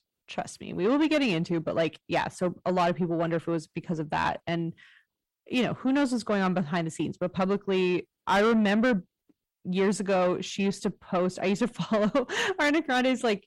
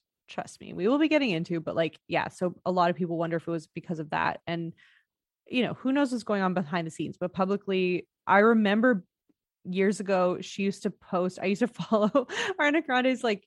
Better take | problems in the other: second | distortion; slight; 10 dB below the speech

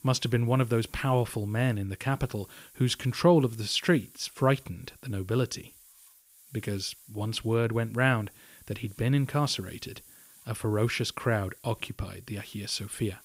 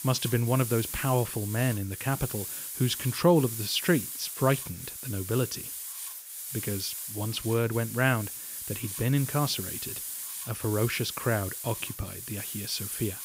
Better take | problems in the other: first | hiss; loud; throughout; 6 dB below the speech; faint in the first

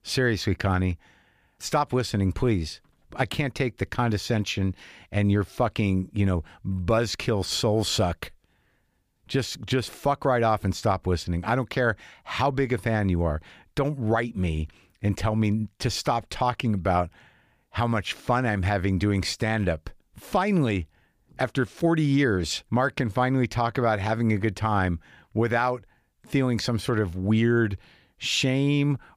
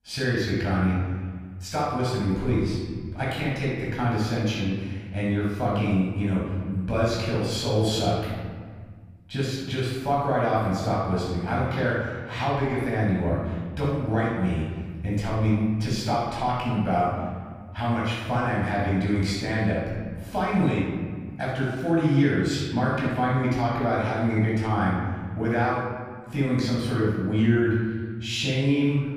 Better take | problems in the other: first | off-mic speech; far // room echo; strong; dies away in 1.7 s

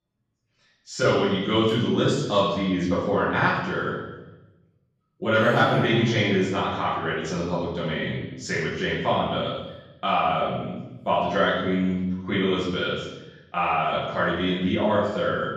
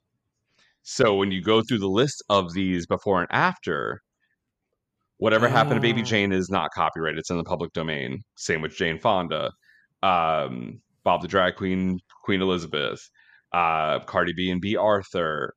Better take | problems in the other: second | off-mic speech; far // room echo; noticeable; dies away in 1 s

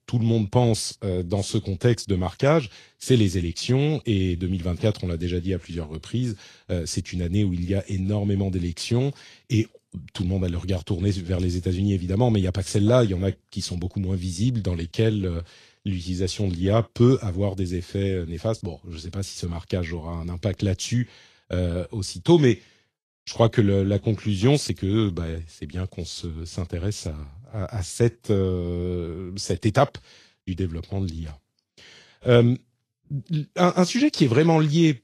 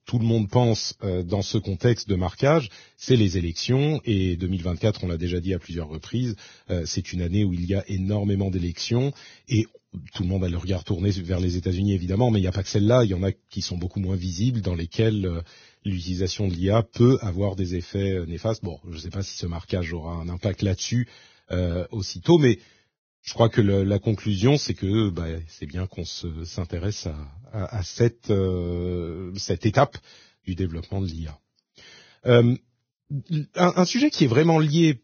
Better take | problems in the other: first | garbled, watery; badly; nothing above 6.5 kHz; slightly in the first

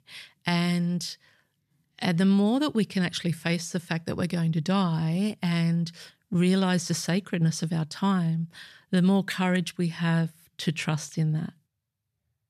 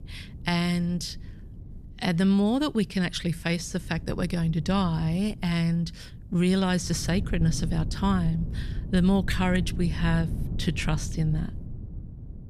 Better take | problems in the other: first | wind noise on the microphone; occasional gusts; 15 dB below the speech

